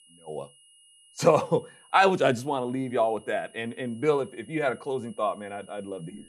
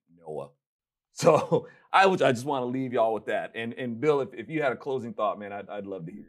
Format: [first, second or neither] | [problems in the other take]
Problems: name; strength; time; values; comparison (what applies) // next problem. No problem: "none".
second | high-pitched whine; faint; throughout; 3 kHz, 25 dB below the speech